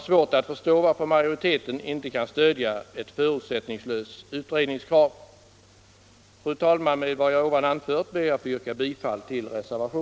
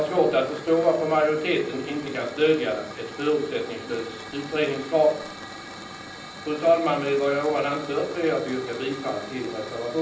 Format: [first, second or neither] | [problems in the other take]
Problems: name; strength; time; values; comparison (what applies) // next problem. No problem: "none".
first | background sound (Hiss / Fire); 14 dB below the speech // room echo; dies away in 0.6 s